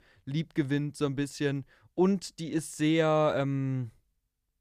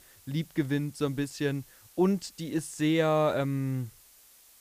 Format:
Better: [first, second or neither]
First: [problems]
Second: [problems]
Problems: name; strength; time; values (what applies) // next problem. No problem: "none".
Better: first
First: none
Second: hiss; faint; throughout; 25 dB below the speech